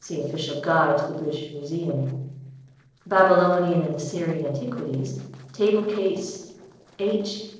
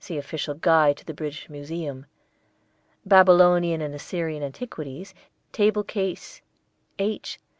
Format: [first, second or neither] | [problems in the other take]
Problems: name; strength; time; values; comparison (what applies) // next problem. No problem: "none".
second | noise reduction (neural separator model SepFormer DNS4)